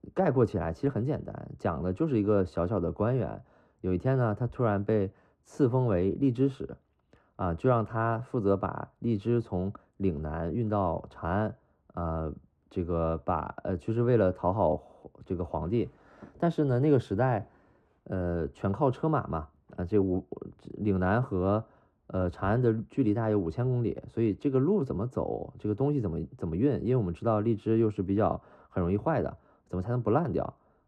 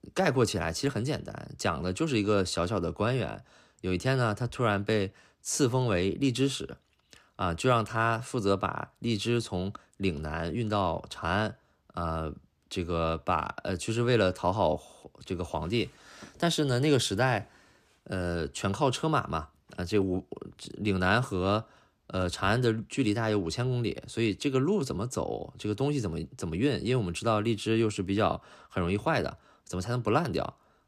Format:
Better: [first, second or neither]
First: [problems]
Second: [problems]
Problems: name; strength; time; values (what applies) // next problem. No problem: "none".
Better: second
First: muffled; very; fading above 2 kHz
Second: none